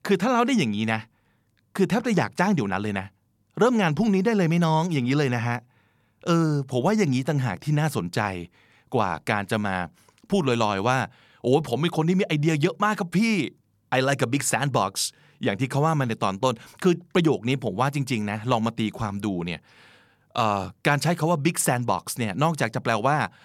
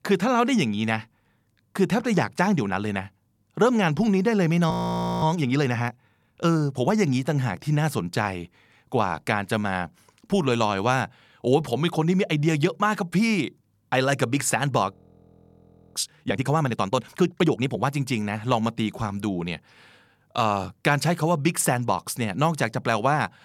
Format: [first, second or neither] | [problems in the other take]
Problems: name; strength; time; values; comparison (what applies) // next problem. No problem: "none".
first | audio freezing; at 4.5 s for 0.5 s and at 15 s for 1 s